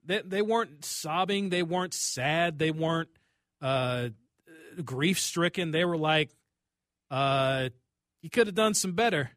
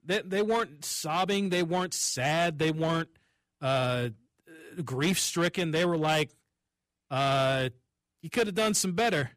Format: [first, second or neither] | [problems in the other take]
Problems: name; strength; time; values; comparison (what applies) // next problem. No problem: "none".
first | distortion; slight; 7% of the sound clipped